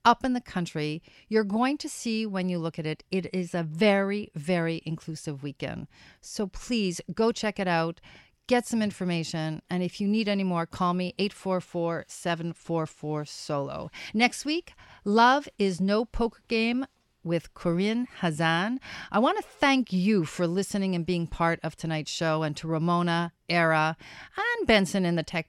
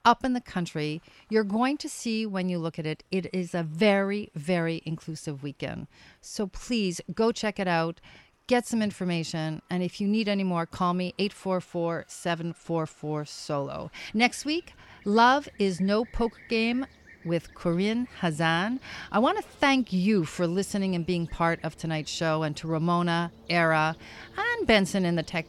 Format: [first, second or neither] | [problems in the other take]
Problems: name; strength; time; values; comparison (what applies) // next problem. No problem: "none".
first | train or aircraft noise; faint; throughout; 25 dB below the speech